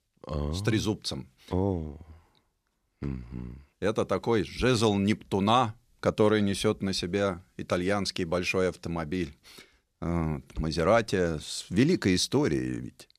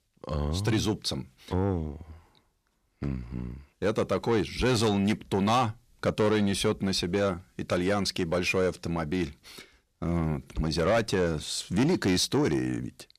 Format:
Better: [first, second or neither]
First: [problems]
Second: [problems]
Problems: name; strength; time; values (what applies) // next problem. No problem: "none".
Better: first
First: none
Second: distortion; slight; 10 dB below the speech